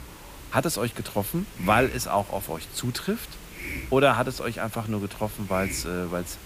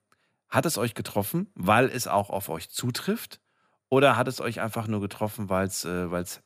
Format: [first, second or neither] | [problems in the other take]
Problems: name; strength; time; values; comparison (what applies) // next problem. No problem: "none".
second | hiss; noticeable; throughout; 15 dB below the speech